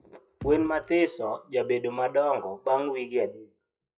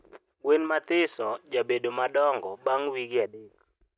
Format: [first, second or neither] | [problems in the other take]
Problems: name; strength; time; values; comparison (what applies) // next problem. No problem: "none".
second | noise reduction (classical method WPE with log-MMSE)